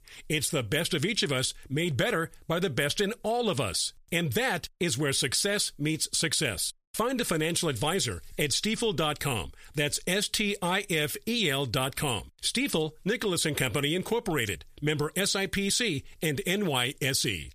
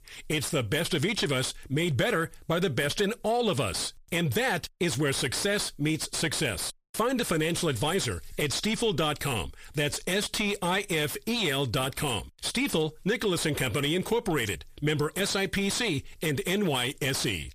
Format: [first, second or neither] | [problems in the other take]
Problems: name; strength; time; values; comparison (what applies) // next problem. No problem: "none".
first | distortion; slight; 10 dB below the speech